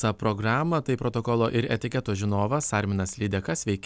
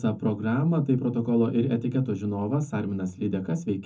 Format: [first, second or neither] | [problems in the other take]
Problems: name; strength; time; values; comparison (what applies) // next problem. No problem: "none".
first | room echo; dies away in 0.3 s